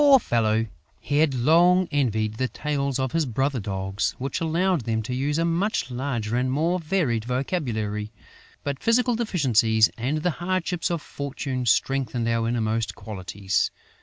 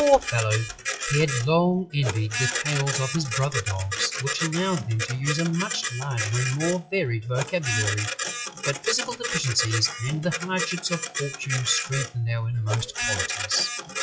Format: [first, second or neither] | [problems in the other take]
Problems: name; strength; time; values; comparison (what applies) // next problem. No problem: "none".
first | noise reduction (classical method WPE with log-MMSE)